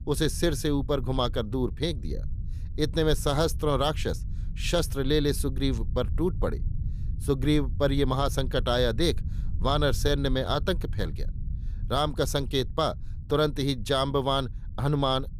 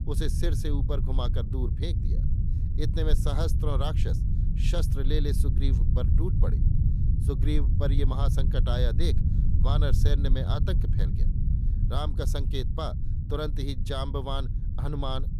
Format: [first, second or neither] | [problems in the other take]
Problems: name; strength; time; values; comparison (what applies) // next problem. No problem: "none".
first | low rumble; loud; throughout; 7 dB below the speech; faint in the first